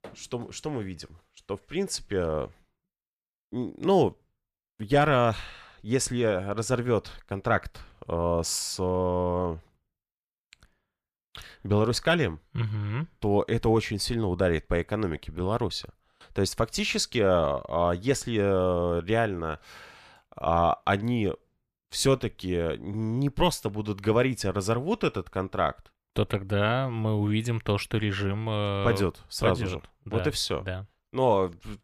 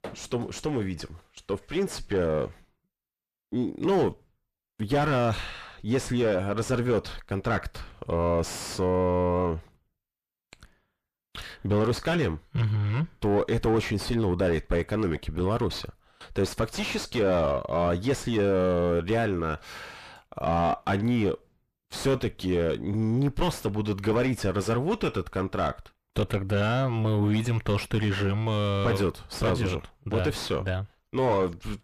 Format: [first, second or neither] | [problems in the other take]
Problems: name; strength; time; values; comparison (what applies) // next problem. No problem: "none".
first | distortion; heavy; 6 dB below the speech